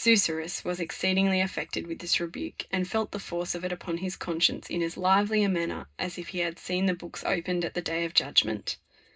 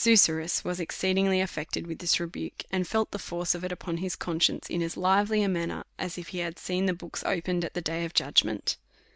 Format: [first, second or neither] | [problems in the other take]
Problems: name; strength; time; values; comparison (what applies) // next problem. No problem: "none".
second | room echo; dies away in 0.2 s